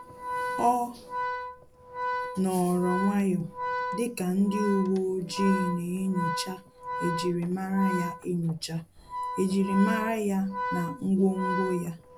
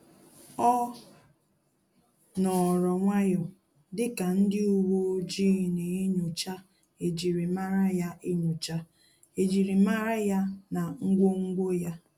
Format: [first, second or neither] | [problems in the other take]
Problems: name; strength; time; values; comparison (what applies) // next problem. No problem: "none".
second | background sound (Organ); 6 dB below the speech